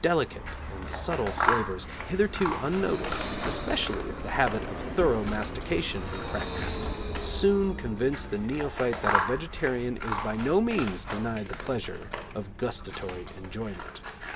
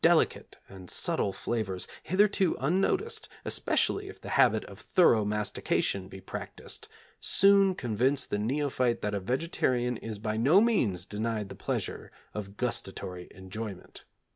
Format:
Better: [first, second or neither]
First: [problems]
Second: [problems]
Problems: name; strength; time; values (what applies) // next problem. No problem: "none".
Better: second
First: background sound (Vehicle + Scissors); 3 dB below the speech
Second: none